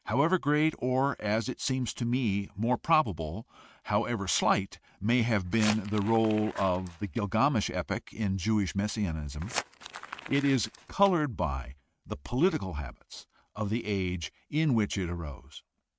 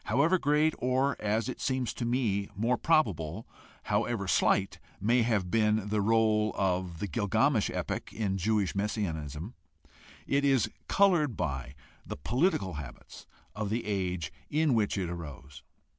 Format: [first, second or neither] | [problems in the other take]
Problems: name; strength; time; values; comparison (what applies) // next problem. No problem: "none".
second | noise reduction (neural mask model RNNoise)